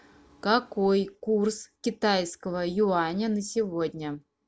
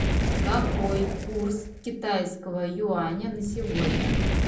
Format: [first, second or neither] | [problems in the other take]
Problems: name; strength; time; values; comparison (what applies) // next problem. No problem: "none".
first | background sound (Fire); 2 dB above the speech // room echo; dies away in 0.6 s